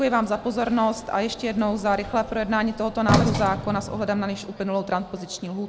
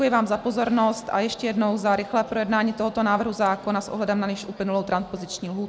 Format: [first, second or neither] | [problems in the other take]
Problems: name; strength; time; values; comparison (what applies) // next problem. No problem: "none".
second | background sound (Sliding door); 6 dB below the speech